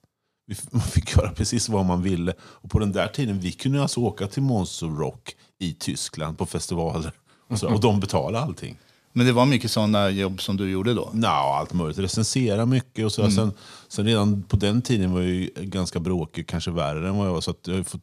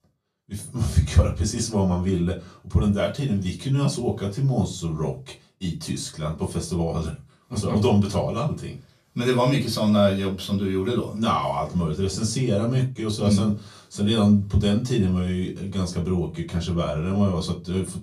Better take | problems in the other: first | off-mic speech; far // room echo; very slight; dies away in 0.2 s

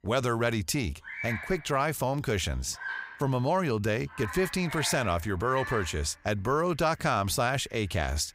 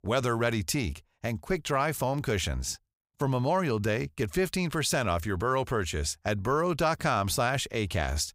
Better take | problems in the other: second | animal sounds; noticeable; throughout; 10 dB below the speech

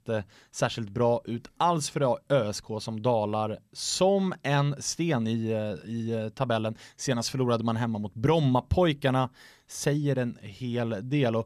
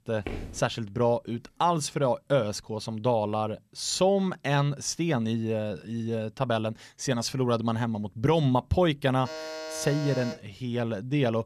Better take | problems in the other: first | footsteps; faint; at 0.5 s; peak 10 dB below the speech // alarm; noticeable; from 9 to 10 s; peak 9 dB below the speech

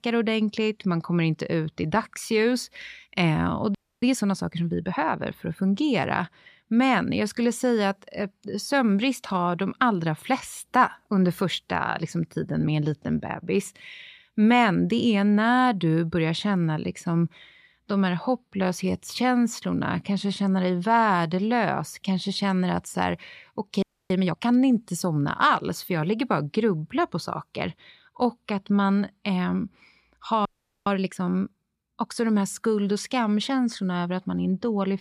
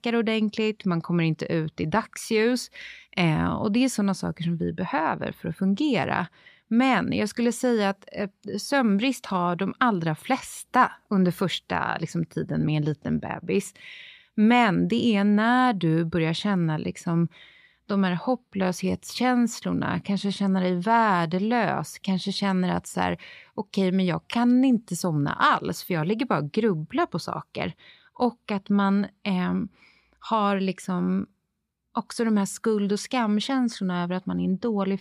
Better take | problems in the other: second | audio freezing; at 4 s, at 24 s and at 30 s

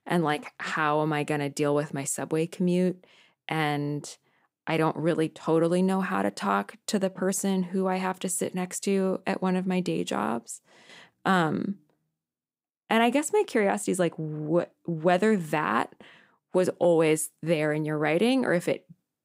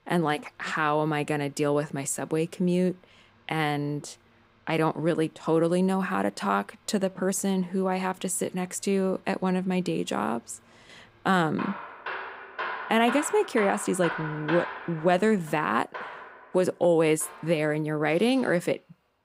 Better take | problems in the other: first | machinery noise; noticeable; throughout; 10 dB below the speech

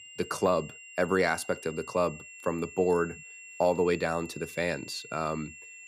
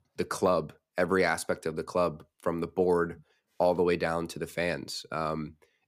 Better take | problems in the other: second | high-pitched whine; noticeable; throughout; 2.5 kHz, 15 dB below the speech

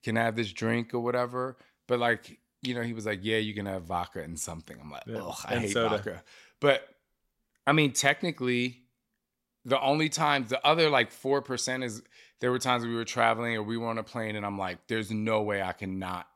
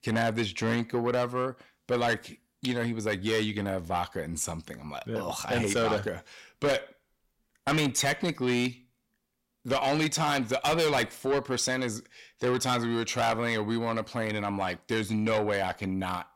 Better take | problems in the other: first | distortion; heavy; 7 dB below the speech

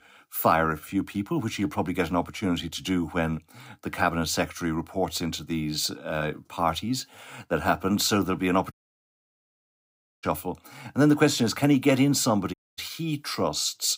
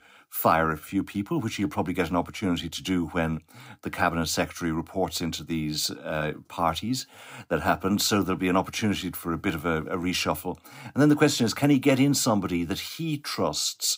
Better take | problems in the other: second | audio cutting out; at 8.5 s for 1.5 s and at 13 s

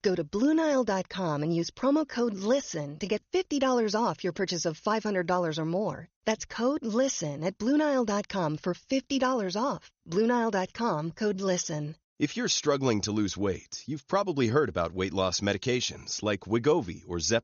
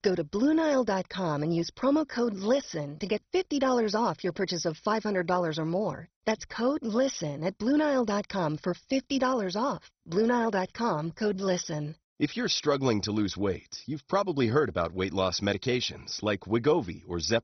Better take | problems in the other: first | garbled, watery; badly; nothing above 6 kHz; slightly in the first

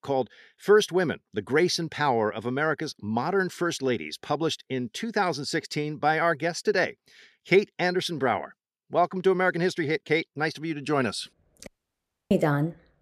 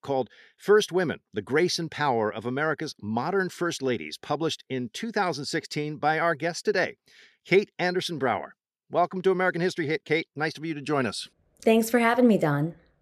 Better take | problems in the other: second | audio cutting out; at 12 s for 0.5 s

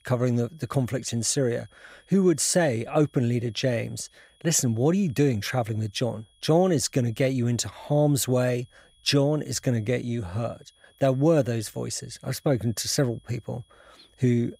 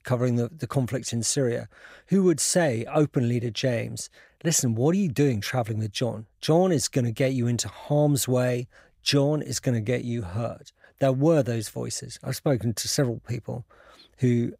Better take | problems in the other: second | high-pitched whine; faint; throughout; 3.5 kHz, 35 dB below the speech

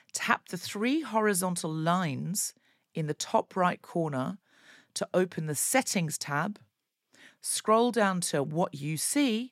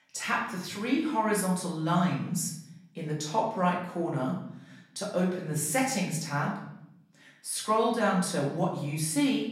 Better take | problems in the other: first | room echo; noticeable; dies away in 0.7 s // off-mic speech; far

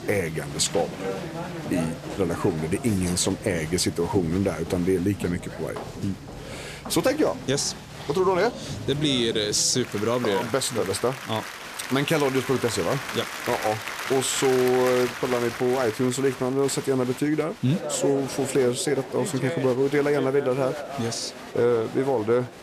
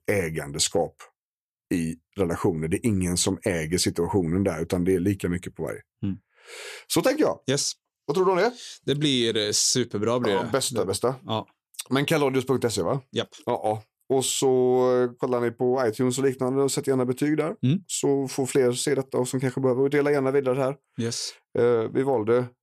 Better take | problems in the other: second | crowd noise; loud; throughout; 10 dB below the speech

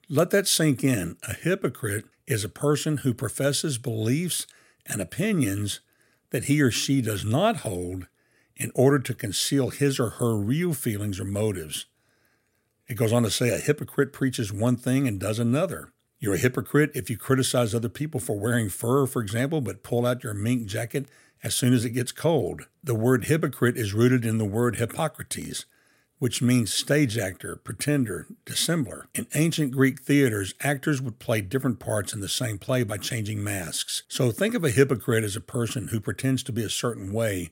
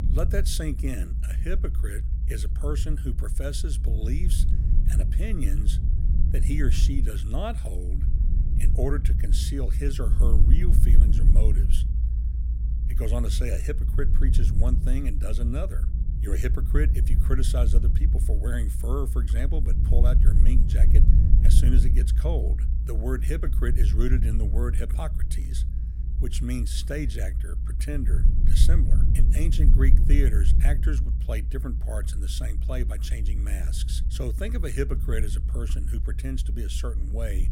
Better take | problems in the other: first | low rumble; loud; throughout; 6 dB below the speech

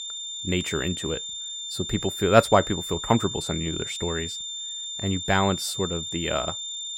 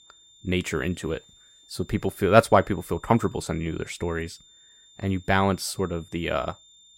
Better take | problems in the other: second | high-pitched whine; loud; throughout; 3.5 kHz, 5 dB below the speech; faint in the second

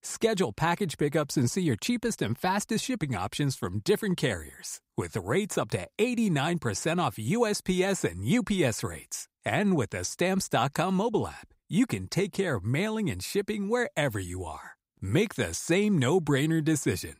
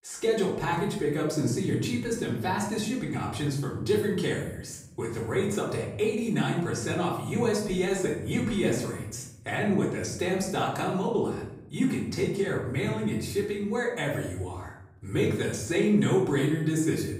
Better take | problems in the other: first | room echo; noticeable; dies away in 0.7 s // off-mic speech; far

